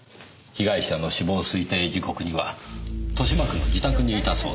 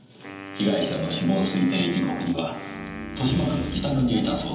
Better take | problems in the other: first | background sound (Wind instrument, woodwind instrument); 14 dB below the speech // room echo; dies away in 0.9 s

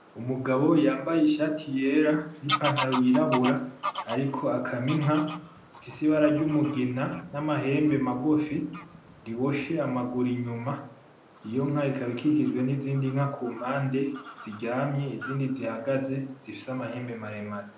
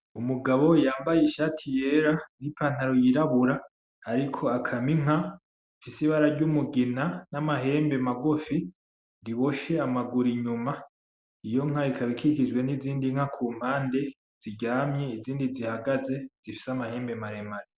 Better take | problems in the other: second | background sound (Bird vocalization, bird call, bird song / Fowl); 13 dB below the speech // room echo; dies away in 0.5 s

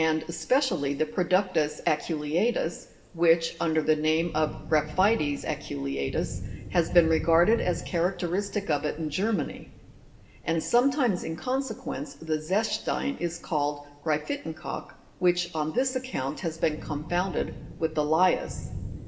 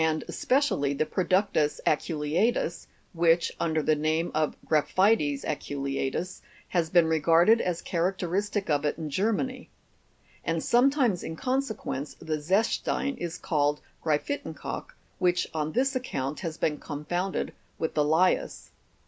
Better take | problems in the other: second | background sound (Thunder / Rain); 14 dB below the speech // room echo; dies away in 0.9 s

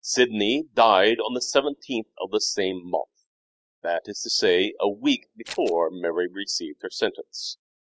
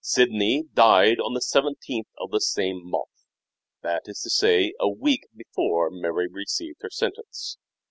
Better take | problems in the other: second | noise reduction (classical method log-MMSE)

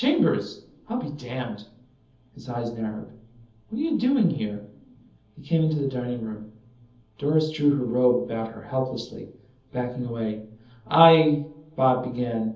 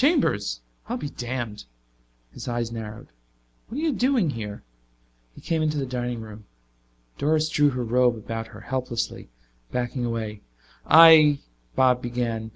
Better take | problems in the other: second | room echo; dies away in 0.7 s

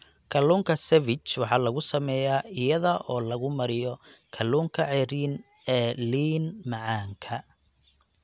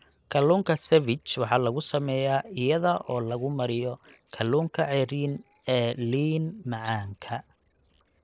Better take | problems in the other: first | noise reduction (neural separator model SepFormer DNS4)

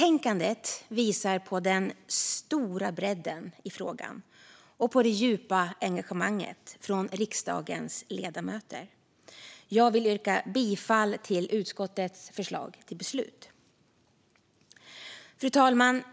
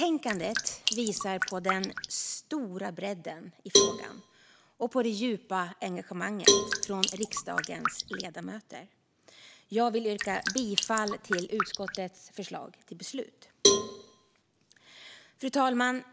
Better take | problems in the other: first | background sound (Cowbell + Drip); 2 dB above the speech

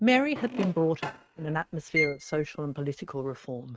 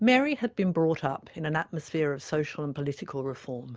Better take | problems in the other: second | noise reduction (neural mask model RNNoise)

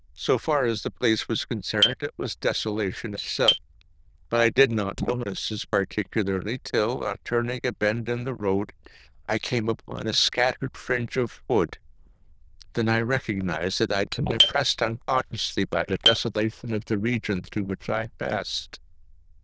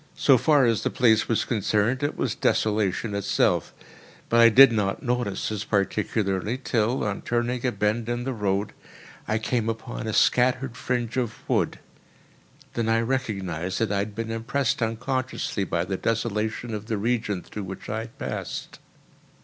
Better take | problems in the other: second | noise reduction (neural diffusion model UNIVERSE++)

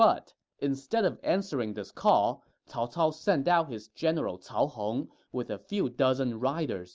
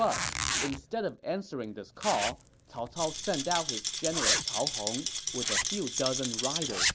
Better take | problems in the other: first | background sound (Zipper (clothing) + Rattle); 1 dB above the speech

